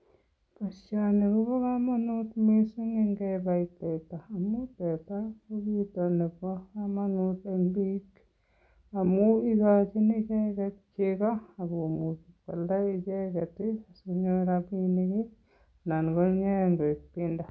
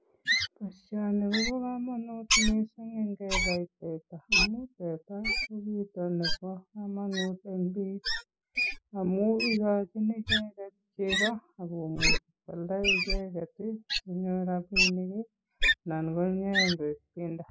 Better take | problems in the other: first | noise reduction (classical method spectral subtraction)

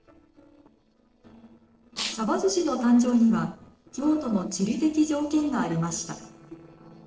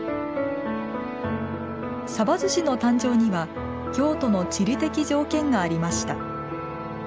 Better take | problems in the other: second | noise reduction (neural separator model SepFormer DNS4)

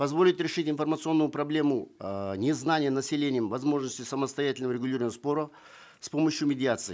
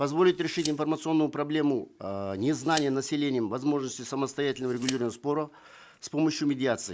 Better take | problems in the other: first | noise reduction (neural mask model Resemble Enhance denoiser)

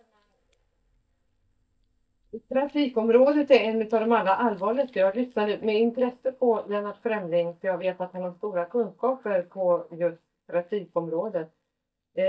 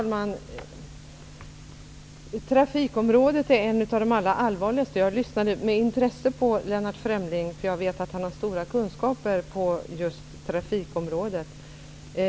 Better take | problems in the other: second | noise reduction (neural mask model DeepFilterNet 3)

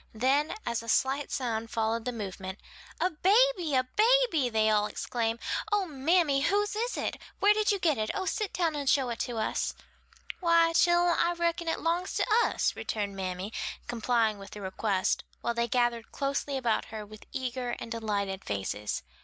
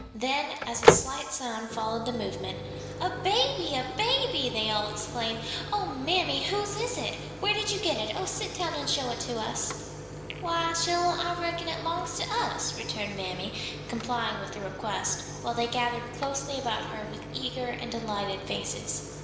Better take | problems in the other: first | background sound (Microwave oven); 4 dB below the speech // room echo; dies away in 2.1 s

